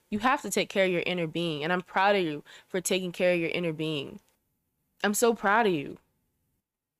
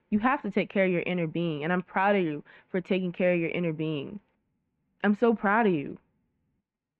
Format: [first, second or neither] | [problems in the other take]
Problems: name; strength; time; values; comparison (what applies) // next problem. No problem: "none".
first | muffled; very; fading above 2.5 kHz